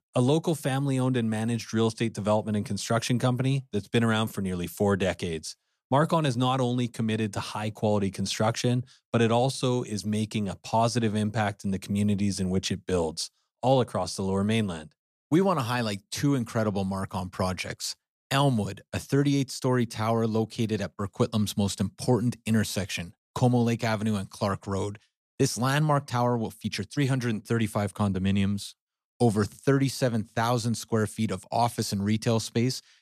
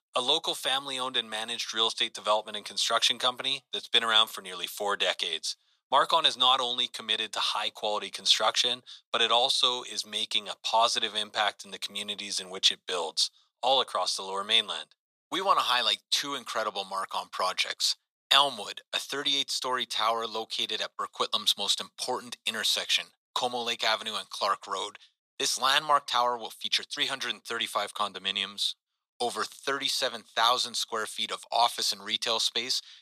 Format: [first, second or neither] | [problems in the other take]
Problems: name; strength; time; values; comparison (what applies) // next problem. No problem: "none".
first | thin; very; fading below 800 Hz